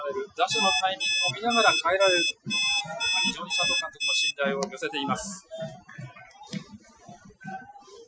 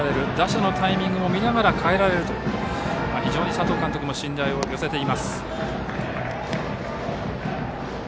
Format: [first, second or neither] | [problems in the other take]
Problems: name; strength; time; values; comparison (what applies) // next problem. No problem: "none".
second | noise reduction (classical method Wiener filter)